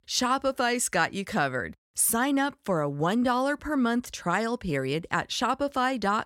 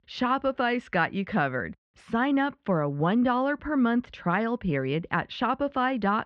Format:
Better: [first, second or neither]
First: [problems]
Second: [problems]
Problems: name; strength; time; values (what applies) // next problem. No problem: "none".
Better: first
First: none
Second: muffled; very; fading above 3 kHz